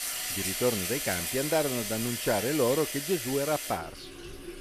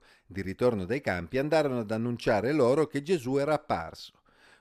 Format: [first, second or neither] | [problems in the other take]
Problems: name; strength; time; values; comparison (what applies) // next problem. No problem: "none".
second | household noises; loud; throughout; 2 dB below the speech